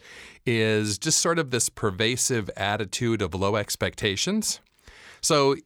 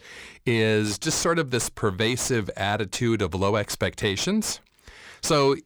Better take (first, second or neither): first